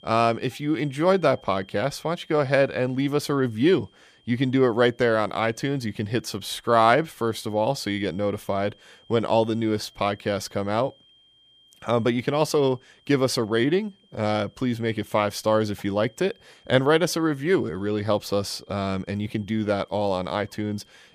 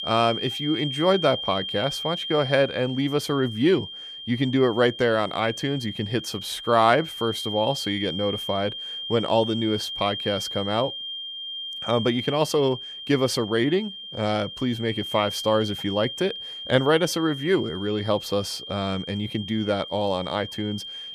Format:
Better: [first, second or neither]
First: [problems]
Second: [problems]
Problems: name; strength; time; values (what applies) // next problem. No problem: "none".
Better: first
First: high-pitched whine; faint; throughout; 3 kHz, 30 dB below the speech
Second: high-pitched whine; loud; throughout; 3 kHz, 8 dB below the speech